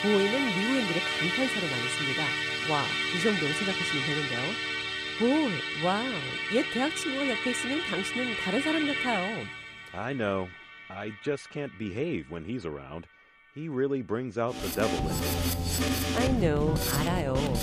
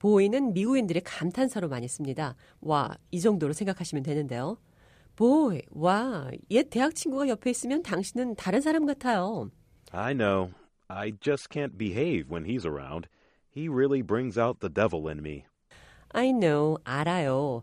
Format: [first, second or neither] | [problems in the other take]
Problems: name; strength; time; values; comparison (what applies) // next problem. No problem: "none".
second | background music; very loud; throughout; 2 dB above the speech